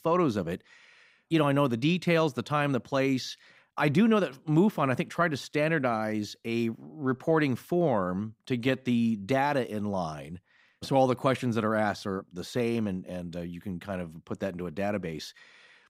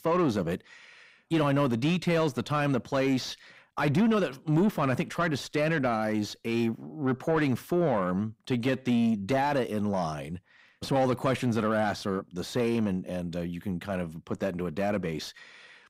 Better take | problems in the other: first | distortion; slight; 10 dB below the speech

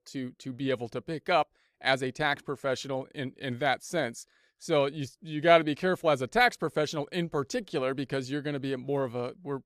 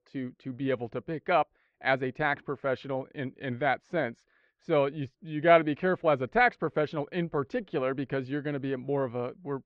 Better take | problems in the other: first | muffled; very; fading above 2.5 kHz

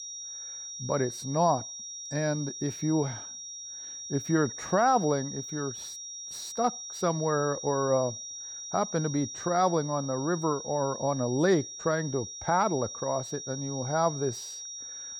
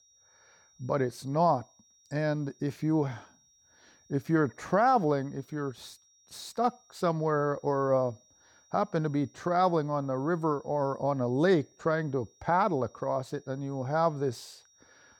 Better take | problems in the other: second | high-pitched whine; loud; throughout; 5.5 kHz, 9 dB below the speech; faint in the second

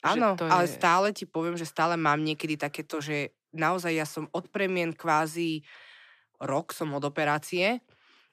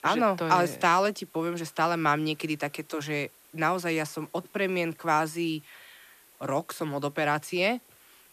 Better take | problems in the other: first | hiss; faint; throughout; 25 dB below the speech

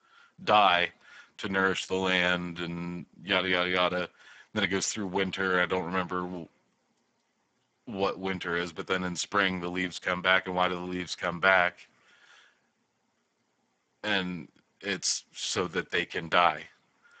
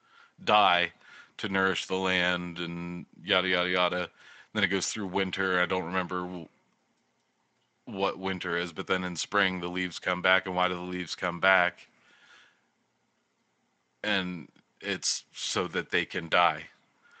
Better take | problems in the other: second | garbled, watery; badly; nothing above 7.5 kHz; slightly in the second

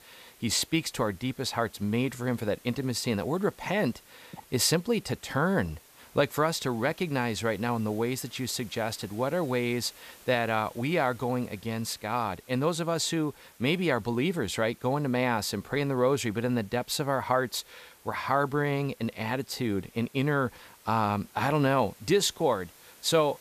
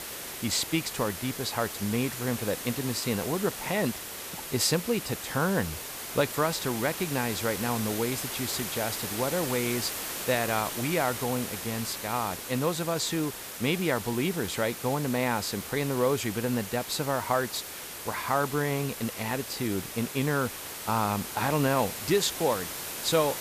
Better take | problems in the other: first | hiss; loud; throughout; 6 dB below the speech; faint in the first

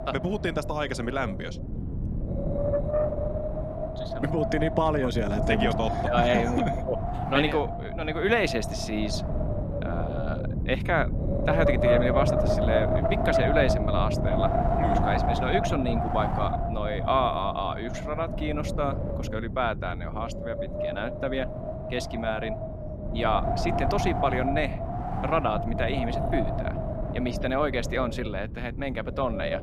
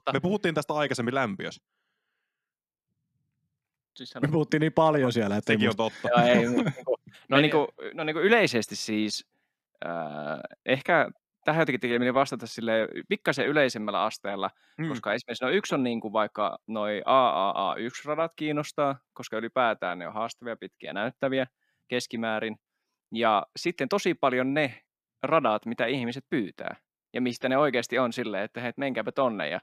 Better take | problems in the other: second | wind noise on the microphone; heavy; 1 dB below the speech

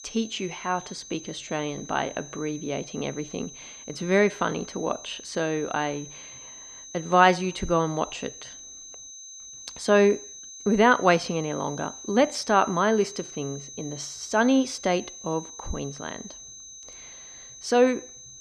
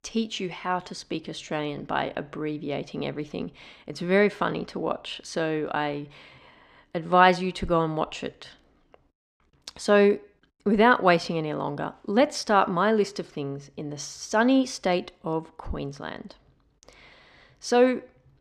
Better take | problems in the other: second | high-pitched whine; noticeable; throughout; 6.5 kHz, 15 dB below the speech

